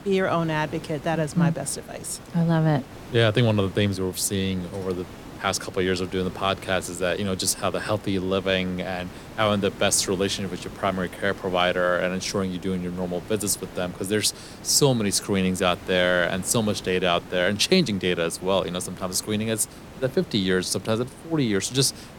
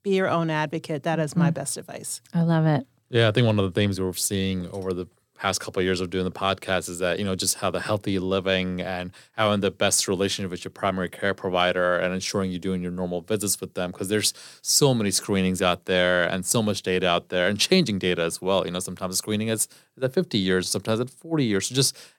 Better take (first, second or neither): second